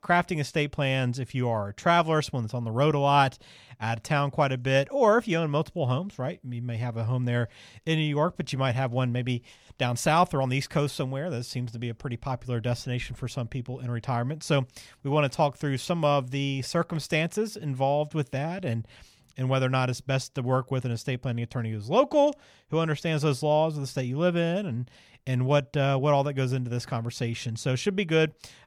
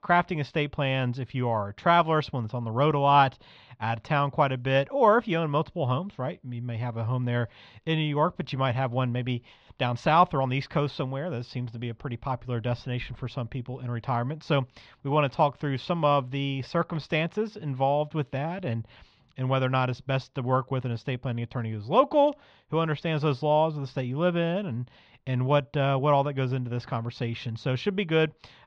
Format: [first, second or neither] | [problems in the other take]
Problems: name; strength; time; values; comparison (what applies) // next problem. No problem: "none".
first | muffled; slightly; fading above 4 kHz